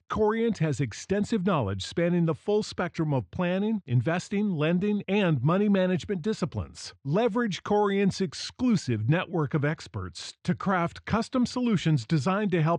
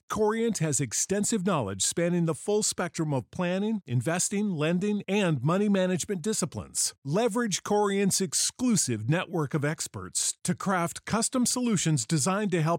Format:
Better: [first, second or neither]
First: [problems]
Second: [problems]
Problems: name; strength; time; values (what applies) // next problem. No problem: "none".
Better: second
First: muffled; slightly; fading above 4 kHz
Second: none